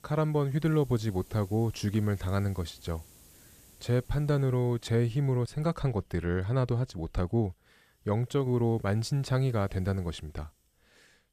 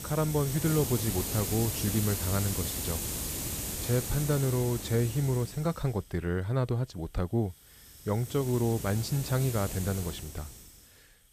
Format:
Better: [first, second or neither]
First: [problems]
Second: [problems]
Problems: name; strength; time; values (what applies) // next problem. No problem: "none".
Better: first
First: hiss; faint; throughout; 25 dB below the speech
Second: hiss; loud; throughout; 4 dB below the speech